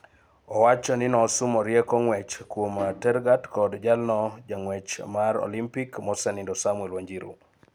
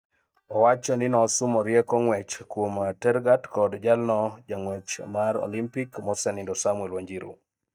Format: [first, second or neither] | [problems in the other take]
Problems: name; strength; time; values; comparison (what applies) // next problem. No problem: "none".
first | noise reduction (neural mask model DeepFilterNet 3)